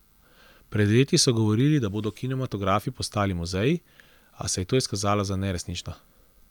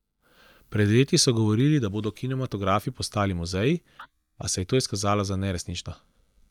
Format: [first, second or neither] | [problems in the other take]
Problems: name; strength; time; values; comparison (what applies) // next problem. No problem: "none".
first | noise reduction (neural mask model DeepFilterNet 3)